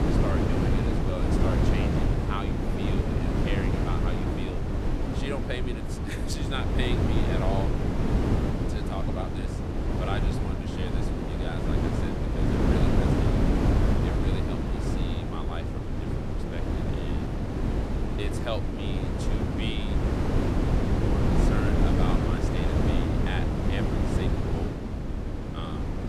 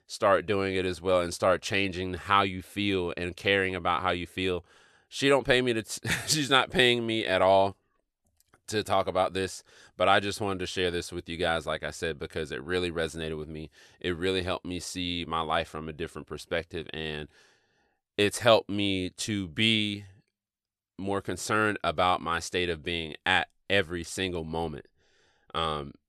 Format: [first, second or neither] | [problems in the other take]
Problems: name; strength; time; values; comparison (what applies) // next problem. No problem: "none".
second | wind noise on the microphone; heavy; 5 dB above the speech